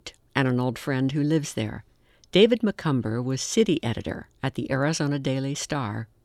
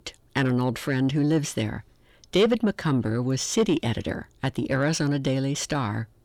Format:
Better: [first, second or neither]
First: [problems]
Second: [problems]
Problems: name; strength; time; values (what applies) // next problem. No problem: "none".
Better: first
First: none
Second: distortion; slight; 10 dB below the speech